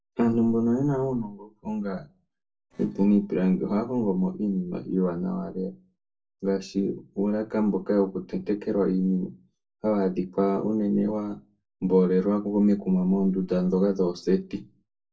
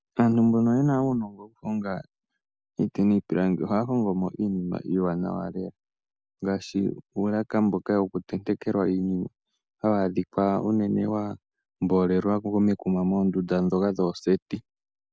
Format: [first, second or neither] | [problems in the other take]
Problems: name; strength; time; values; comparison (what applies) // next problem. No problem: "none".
second | noise reduction (neural separator model SepFormer DNS4)